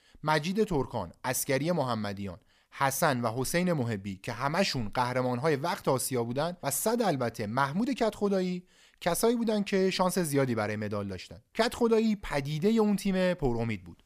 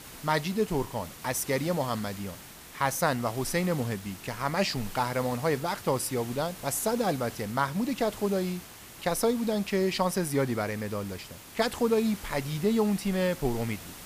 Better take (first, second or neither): first